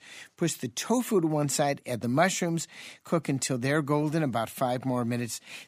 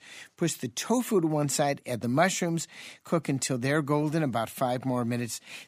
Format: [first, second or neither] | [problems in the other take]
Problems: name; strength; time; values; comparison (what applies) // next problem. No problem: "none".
neither | none